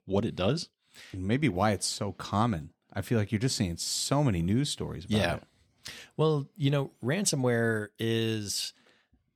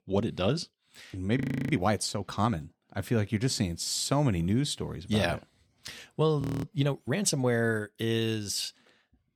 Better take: first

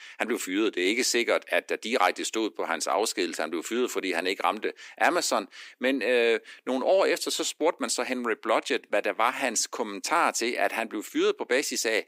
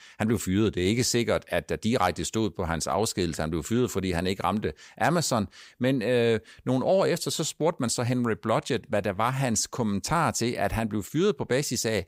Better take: second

